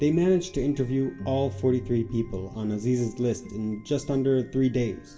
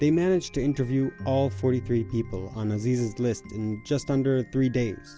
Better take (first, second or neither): second